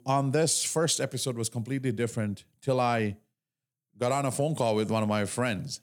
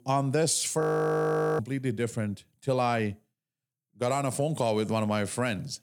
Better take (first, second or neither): first